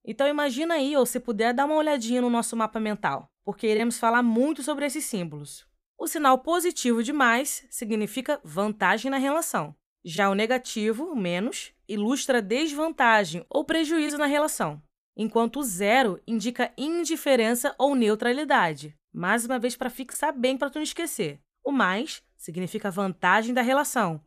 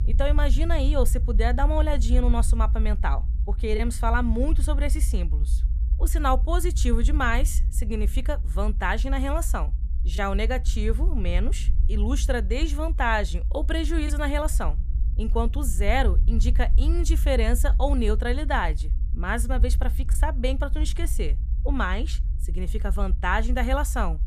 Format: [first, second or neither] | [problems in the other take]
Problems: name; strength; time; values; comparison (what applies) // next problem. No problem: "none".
first | low rumble; noticeable; throughout; 20 dB below the speech